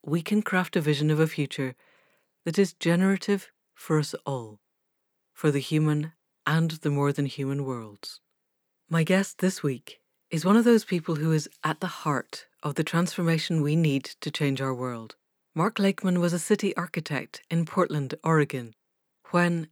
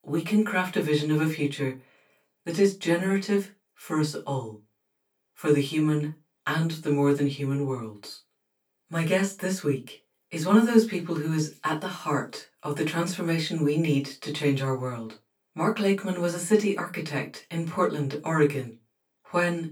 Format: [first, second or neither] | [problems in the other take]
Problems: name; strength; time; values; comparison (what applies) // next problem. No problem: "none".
first | off-mic speech; far // room echo; very slight; dies away in 0.2 s